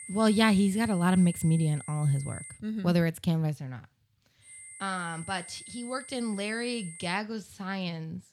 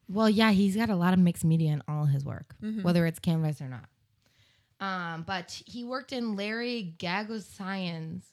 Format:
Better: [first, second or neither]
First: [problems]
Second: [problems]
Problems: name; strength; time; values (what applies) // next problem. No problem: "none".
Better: second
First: high-pitched whine; noticeable; until 2.5 s and from 4.5 to 7 s; 8.5 kHz, 15 dB below the speech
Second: none